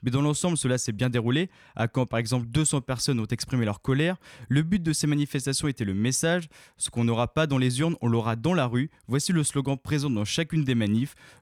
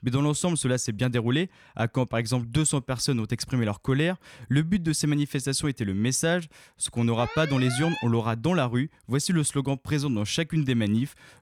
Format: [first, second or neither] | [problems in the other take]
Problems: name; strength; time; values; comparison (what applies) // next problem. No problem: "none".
first | alarm; noticeable; at 7 s; peak 7 dB below the speech